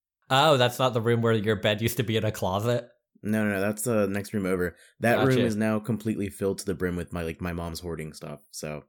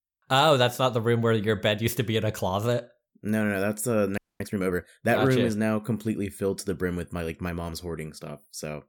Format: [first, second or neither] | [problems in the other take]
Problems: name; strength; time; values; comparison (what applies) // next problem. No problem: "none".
first | audio freezing; at 4 s